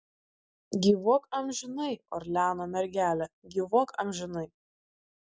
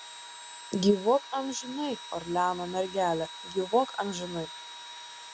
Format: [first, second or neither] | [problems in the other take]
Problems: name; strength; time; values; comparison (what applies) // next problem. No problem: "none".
first | background sound (Engine / Drill); 13 dB below the speech